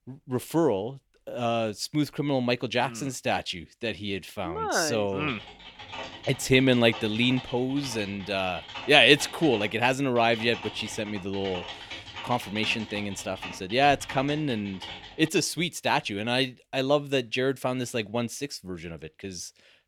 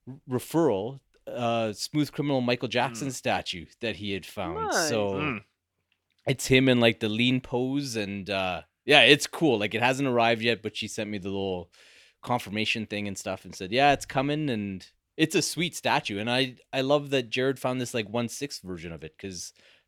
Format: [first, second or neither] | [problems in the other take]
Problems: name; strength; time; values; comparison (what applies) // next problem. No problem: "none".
second | keyboard typing; noticeable; from 5.5 to 15 s; peak 10 dB below the speech